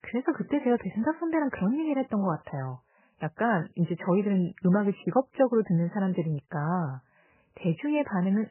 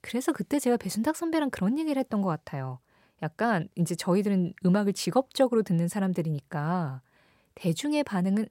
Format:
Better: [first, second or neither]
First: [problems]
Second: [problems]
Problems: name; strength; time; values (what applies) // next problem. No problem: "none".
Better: second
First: garbled, watery; badly; nothing above 3 kHz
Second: none